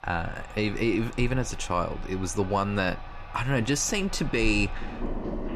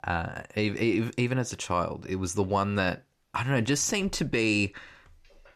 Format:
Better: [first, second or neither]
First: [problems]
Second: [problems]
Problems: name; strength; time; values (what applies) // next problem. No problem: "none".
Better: second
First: household noises; noticeable; throughout; 10 dB below the speech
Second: none